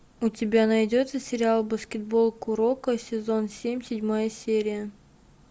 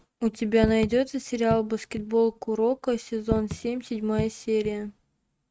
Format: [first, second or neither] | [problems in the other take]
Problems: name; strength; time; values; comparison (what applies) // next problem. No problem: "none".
first | noise reduction (neural mask model RNNoise)